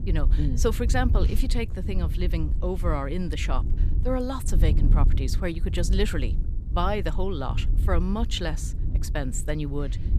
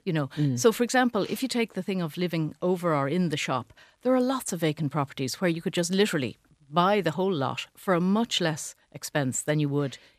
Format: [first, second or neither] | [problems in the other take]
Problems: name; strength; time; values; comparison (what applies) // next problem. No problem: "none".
second | wind noise on the microphone; occasional gusts; 15 dB below the speech